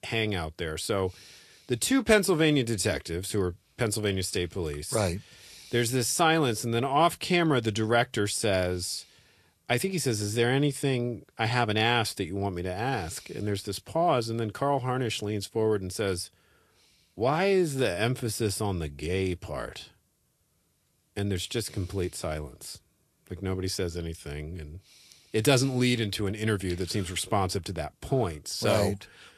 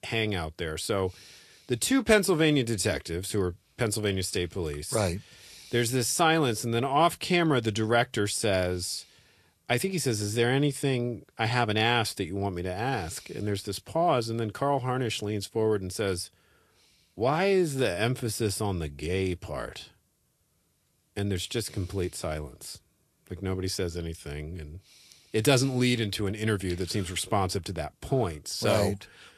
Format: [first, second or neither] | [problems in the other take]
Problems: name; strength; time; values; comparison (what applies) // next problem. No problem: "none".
neither | garbled, watery; slightly; nothing above 12.5 kHz; the same in both